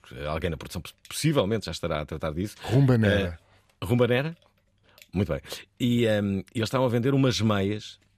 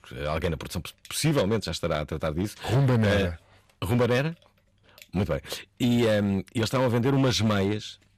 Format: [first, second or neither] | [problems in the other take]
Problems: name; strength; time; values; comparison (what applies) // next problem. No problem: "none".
first | distortion; slight; 8% of the sound clipped